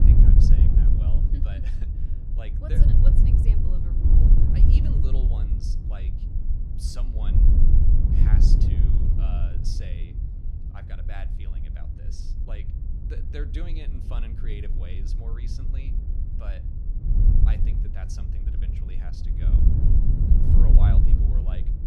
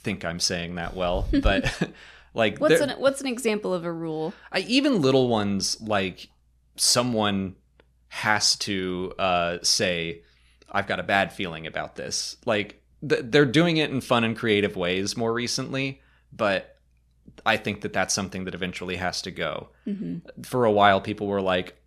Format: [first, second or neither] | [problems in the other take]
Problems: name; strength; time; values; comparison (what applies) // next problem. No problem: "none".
second | wind noise on the microphone; heavy; 4 dB above the speech